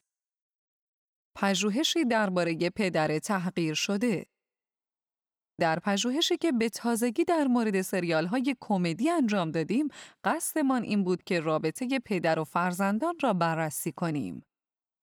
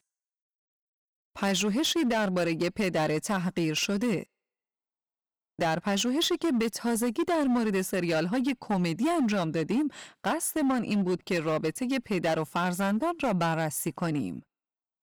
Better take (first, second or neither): first